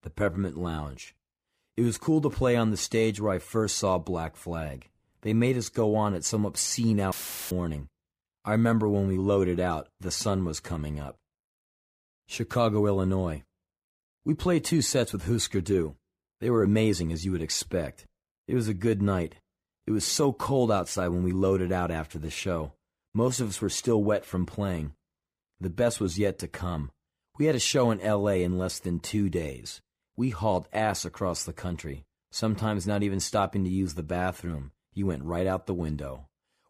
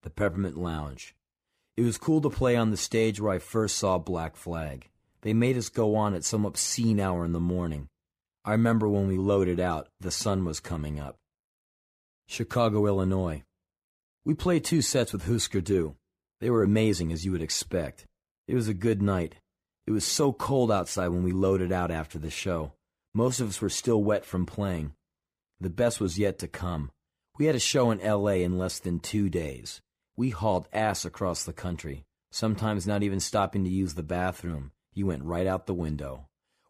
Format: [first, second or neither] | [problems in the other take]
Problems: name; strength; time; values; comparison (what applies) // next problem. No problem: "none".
second | audio cutting out; filled with static; at 7 s